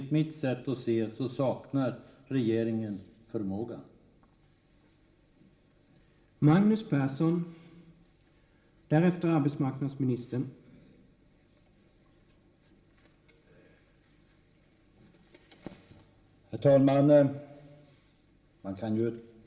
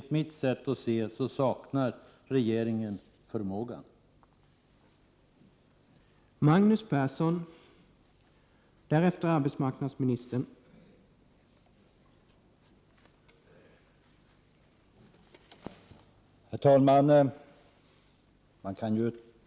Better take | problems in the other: second | room echo; dies away in 1.3 s

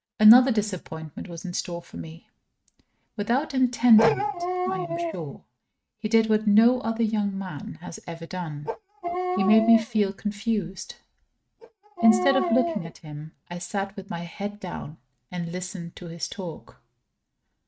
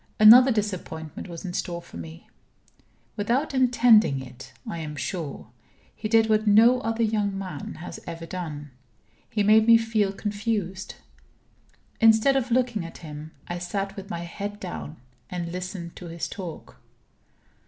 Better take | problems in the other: second | noise reduction (neural mask model RNNoise)

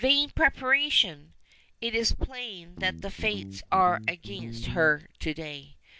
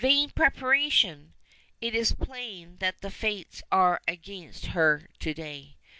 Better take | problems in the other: second | background sound (Guitar); 12 dB below the speech

